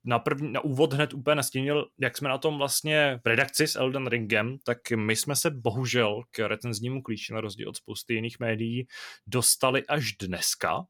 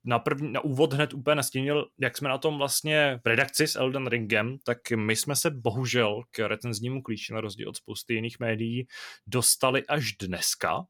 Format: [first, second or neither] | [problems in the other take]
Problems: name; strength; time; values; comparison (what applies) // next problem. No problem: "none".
neither | none